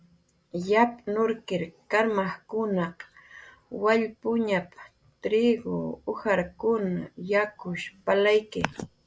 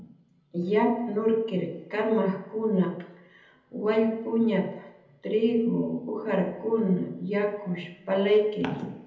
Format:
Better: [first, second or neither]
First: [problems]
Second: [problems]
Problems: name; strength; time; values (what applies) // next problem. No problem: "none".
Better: first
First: none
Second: room echo; dies away in 0.9 s